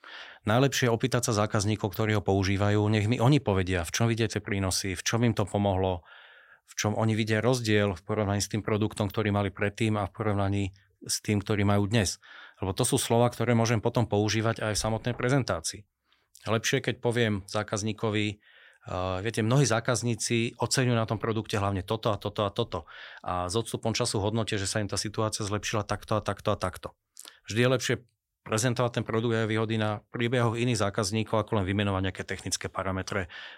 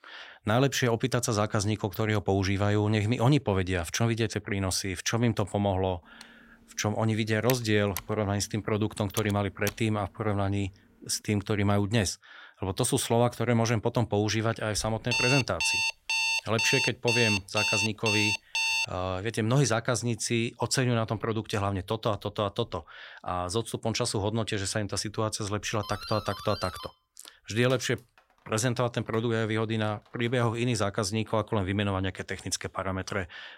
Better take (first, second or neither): first